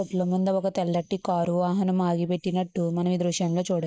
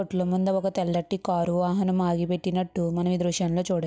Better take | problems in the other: second | noise reduction (neural mask model Resemble Enhance denoiser)

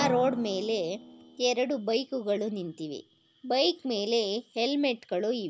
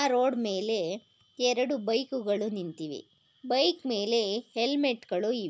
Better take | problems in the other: second | background sound (Drum); 14 dB below the speech

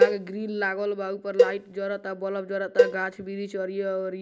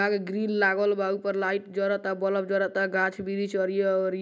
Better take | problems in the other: second | background sound (Cowbell); 3 dB above the speech

